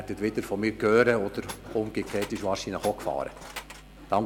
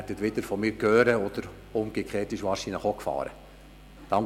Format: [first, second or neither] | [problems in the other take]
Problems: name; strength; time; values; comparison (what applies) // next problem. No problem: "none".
second | background sound (Tools); 15 dB below the speech